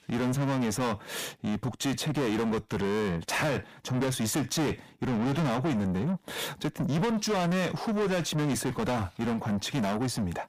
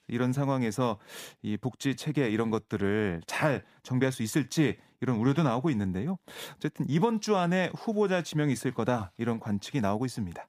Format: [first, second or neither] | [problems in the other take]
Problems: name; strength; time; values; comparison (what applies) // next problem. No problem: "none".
second | distortion; heavy; 5 dB below the speech